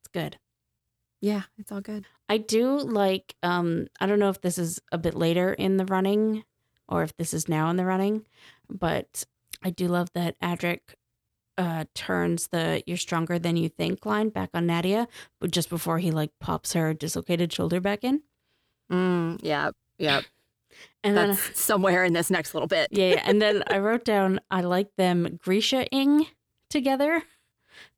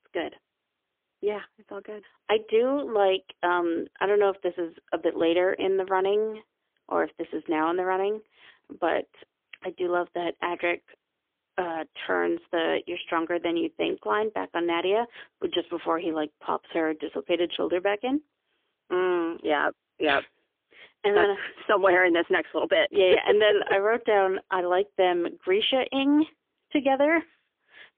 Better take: first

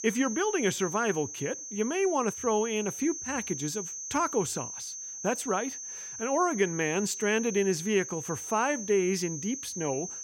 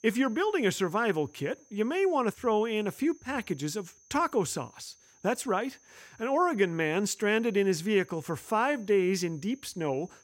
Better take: second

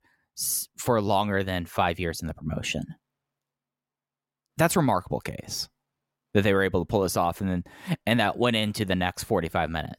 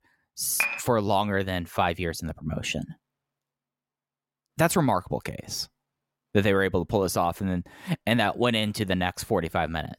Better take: first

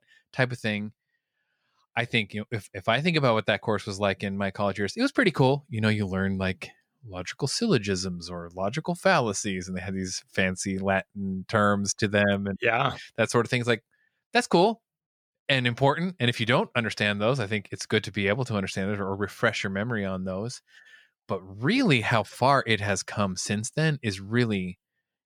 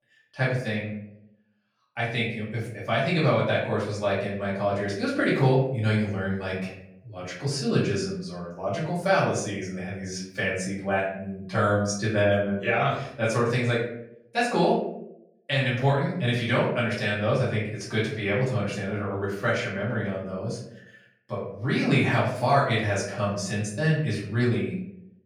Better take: first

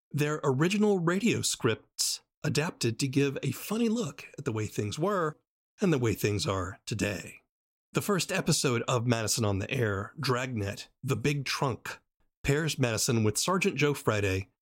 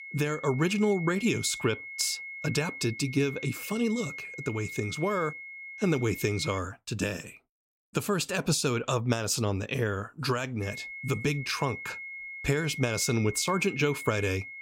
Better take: first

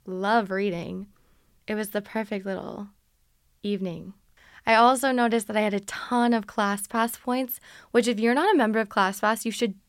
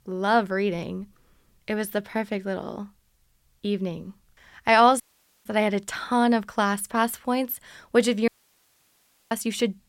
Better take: first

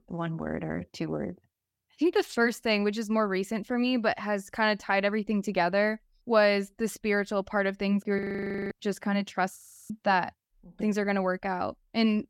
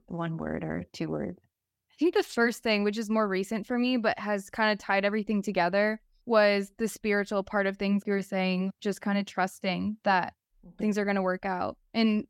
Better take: second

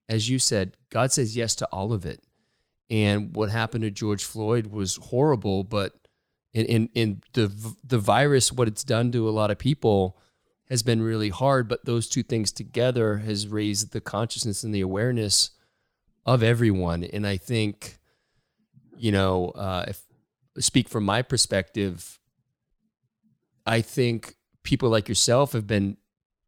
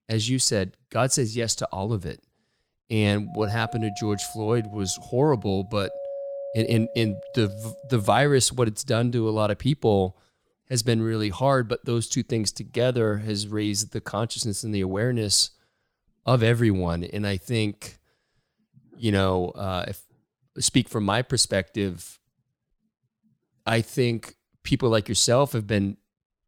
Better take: first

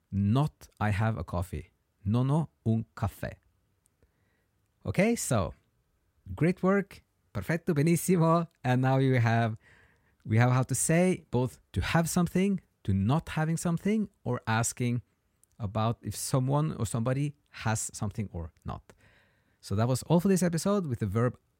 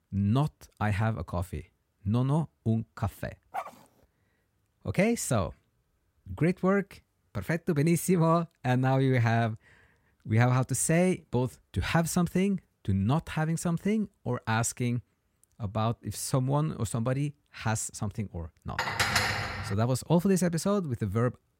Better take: first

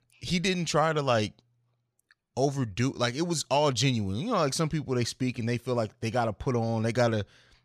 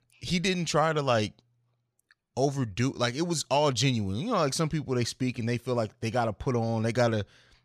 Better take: neither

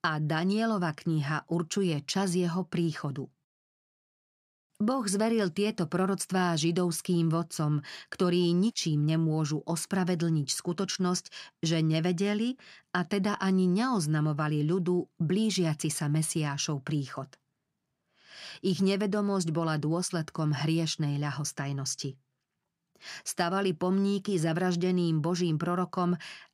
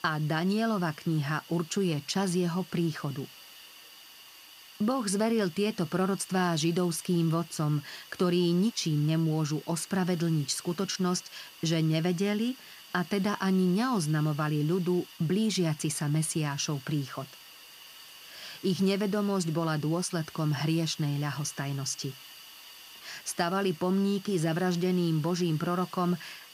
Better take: first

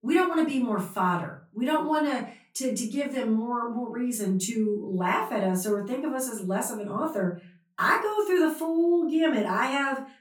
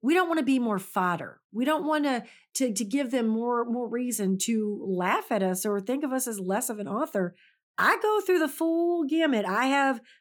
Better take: second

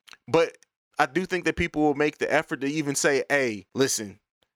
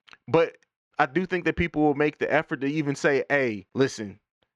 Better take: first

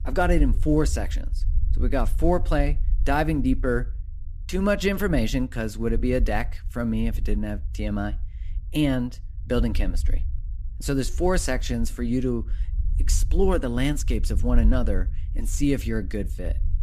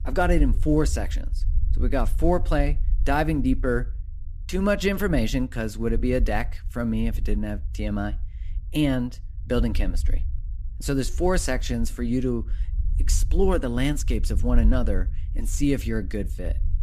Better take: neither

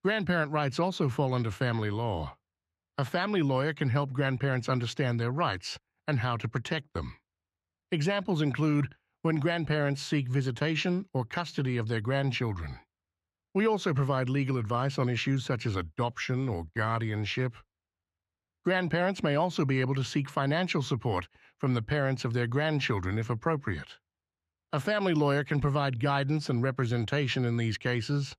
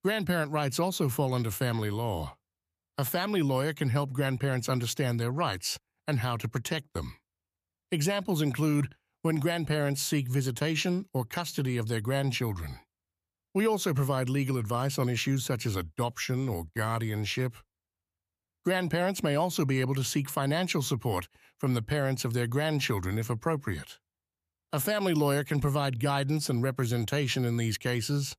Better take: second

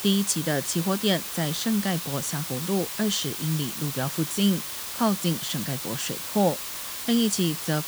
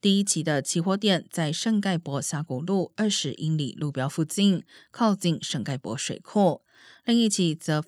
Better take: second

